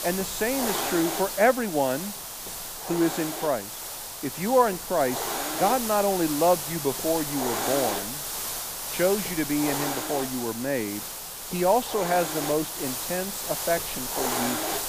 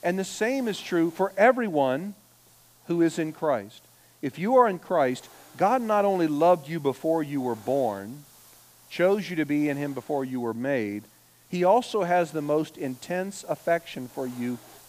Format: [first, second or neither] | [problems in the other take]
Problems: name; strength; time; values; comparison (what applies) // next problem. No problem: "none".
second | hiss; loud; throughout; 3 dB below the speech; faint in the second